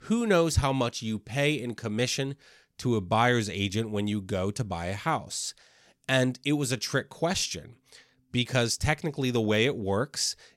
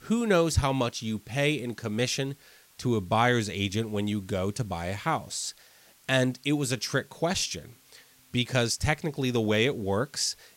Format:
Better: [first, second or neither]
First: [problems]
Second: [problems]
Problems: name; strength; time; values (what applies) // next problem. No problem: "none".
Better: first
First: none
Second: hiss; faint; throughout; 30 dB below the speech